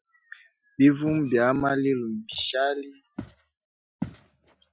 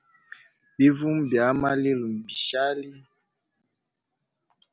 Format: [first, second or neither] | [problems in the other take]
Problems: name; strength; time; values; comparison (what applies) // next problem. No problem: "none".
second | noise reduction (classical method Wiener filter)